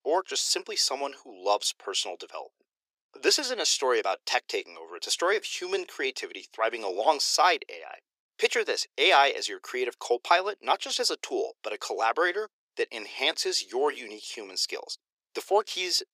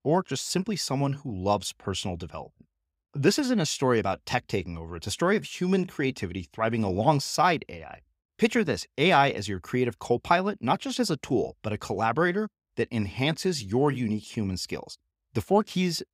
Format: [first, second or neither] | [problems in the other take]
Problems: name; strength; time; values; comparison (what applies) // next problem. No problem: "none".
second | thin; very; fading below 350 Hz